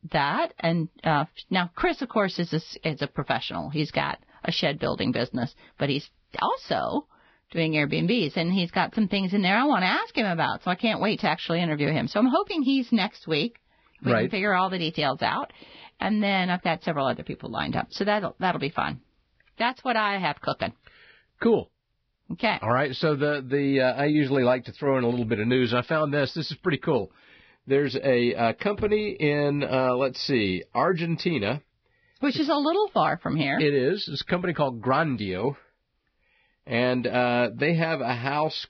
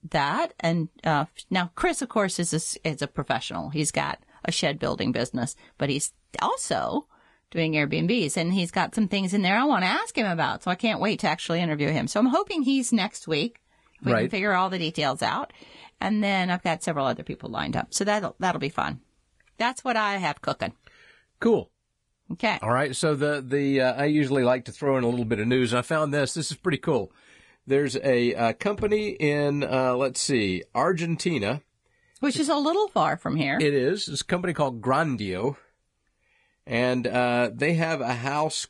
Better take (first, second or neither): second